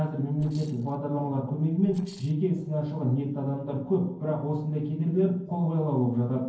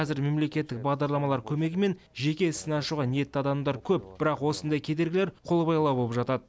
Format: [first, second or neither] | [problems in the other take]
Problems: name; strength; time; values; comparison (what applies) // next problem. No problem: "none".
second | noise reduction (neural separator model SepFormer DNS4)